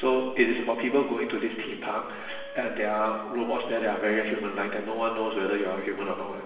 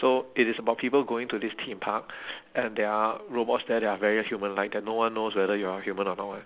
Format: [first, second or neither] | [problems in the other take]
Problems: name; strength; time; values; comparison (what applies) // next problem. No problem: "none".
second | background sound (Wind instrument, woodwind instrument); 20 dB below the speech // room echo; dies away in 1.2 s